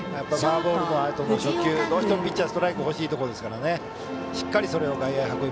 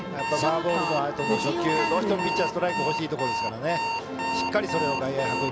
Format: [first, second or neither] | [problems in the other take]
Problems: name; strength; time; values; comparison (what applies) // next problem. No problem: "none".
first | background sound (Alarm); 4 dB below the speech